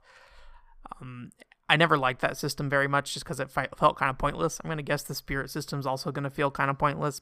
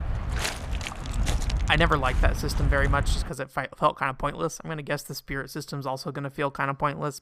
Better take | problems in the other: first | footsteps; loud; until 3.5 s; peak 1 dB above the speech

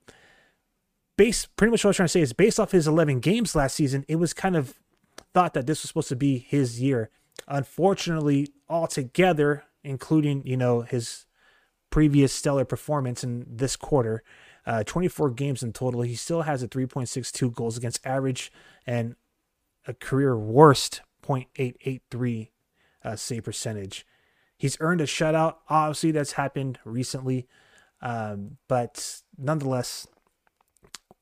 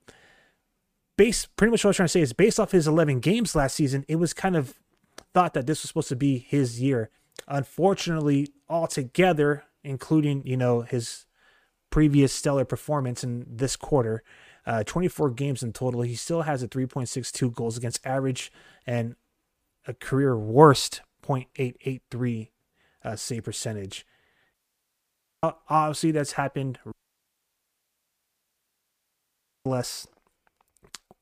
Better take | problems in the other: first | audio cutting out; at 25 s for 1 s and at 27 s for 2.5 s

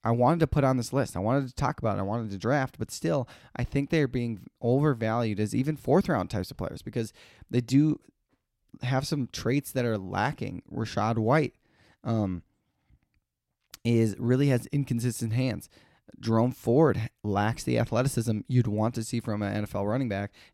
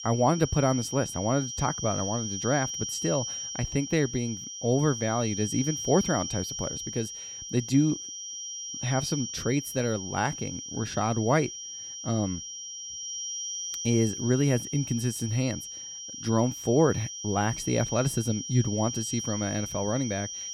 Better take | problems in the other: first | high-pitched whine; loud; throughout; 5.5 kHz, 6 dB below the speech

